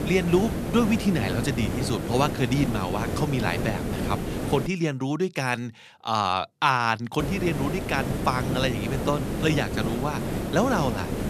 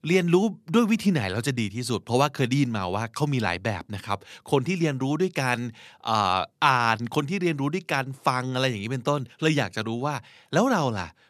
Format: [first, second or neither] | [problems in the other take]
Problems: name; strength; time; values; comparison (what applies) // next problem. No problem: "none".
second | hiss; loud; until 4.5 s and from 7 s on; 4 dB below the speech